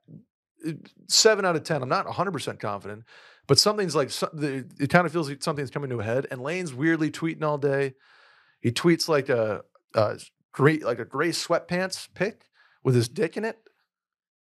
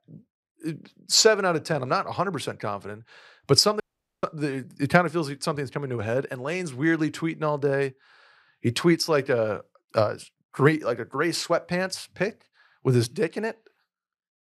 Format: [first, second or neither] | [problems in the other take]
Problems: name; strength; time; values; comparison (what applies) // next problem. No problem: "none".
first | audio cutting out; at 4 s